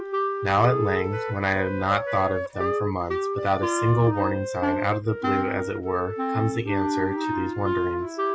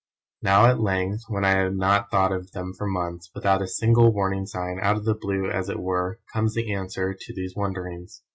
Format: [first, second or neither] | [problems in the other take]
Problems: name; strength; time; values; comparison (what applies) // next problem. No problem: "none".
second | background sound (Wind instrument, woodwind instrument + Wind instrument, woodwind instrument); 1 dB below the speech